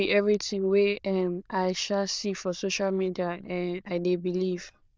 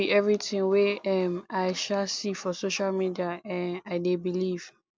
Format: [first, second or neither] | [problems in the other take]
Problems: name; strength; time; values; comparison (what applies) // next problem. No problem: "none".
second | noise reduction (neural diffusion model UNIVERSE++)